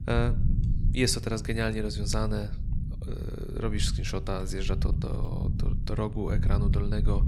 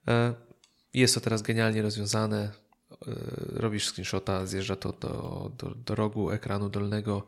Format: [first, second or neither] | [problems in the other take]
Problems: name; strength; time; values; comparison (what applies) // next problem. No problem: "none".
second | low rumble; noticeable; throughout; 10 dB below the speech